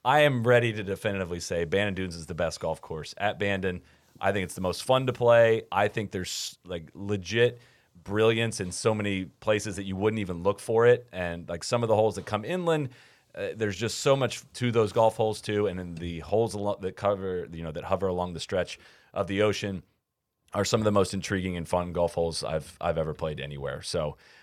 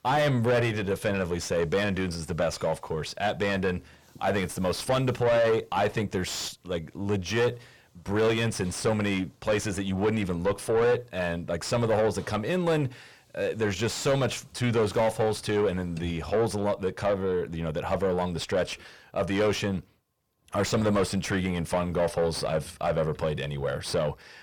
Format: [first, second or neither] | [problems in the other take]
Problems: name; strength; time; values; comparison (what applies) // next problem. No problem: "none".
first | distortion; heavy; 6 dB below the speech